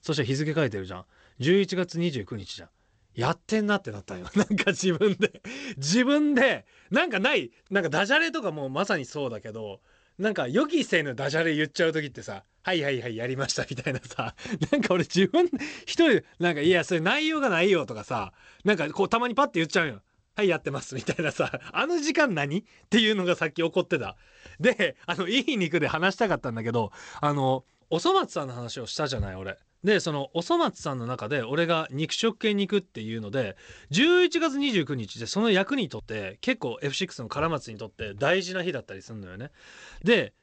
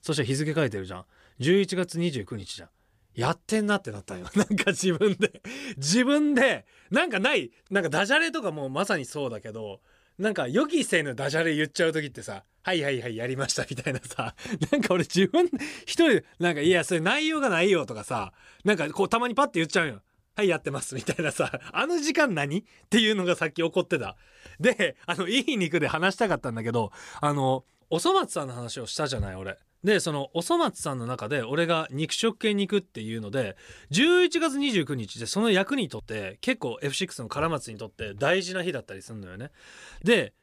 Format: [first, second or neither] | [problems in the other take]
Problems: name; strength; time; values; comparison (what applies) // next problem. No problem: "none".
second | garbled, watery; slightly; nothing above 8 kHz